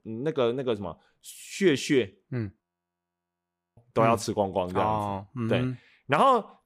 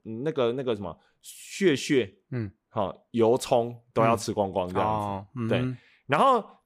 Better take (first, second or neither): second